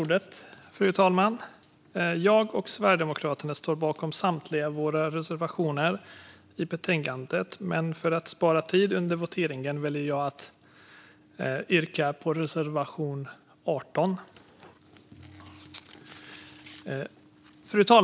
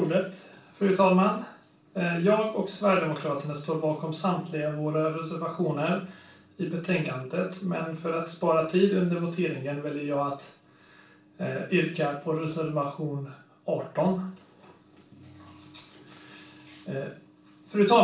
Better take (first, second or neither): first